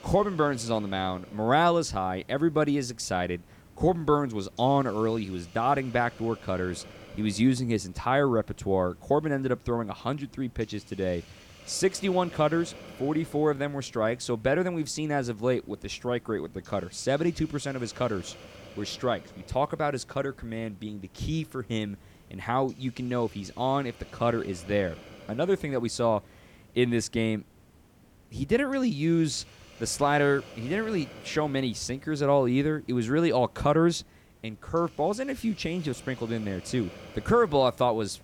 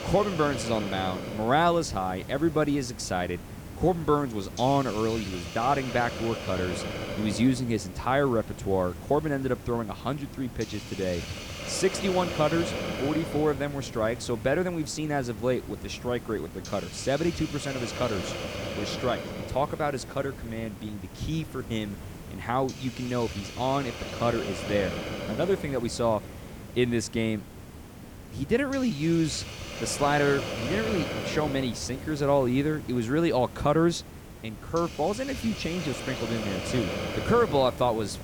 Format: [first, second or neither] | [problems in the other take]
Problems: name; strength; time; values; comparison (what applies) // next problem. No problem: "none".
first | hiss; loud; throughout; 8 dB below the speech; faint in the first